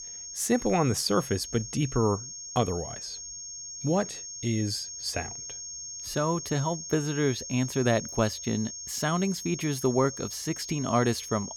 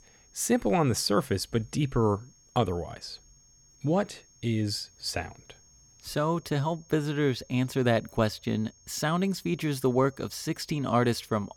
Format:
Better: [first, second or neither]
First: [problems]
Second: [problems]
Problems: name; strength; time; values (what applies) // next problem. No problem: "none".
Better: second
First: high-pitched whine; loud; throughout; 6.5 kHz, 8 dB below the speech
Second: high-pitched whine; faint; throughout; 6.5 kHz, 30 dB below the speech